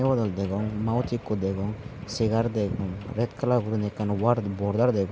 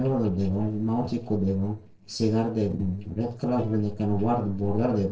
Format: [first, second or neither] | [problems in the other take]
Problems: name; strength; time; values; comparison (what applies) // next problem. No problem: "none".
first | noise reduction (neural separator model SepFormer DNS4)